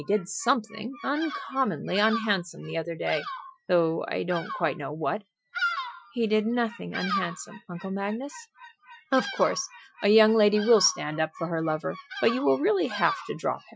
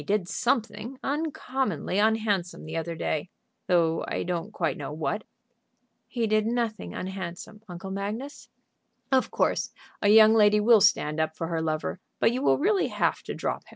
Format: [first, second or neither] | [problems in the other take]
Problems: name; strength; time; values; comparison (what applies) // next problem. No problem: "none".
second | noise reduction (classical method Wiener filter)